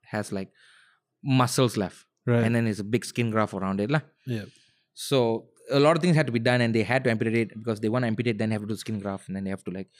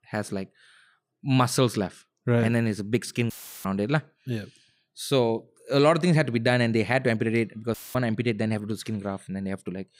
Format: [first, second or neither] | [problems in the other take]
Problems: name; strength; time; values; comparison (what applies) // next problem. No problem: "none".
first | audio cutting out; filled with static; at 3.5 s and at 7.5 s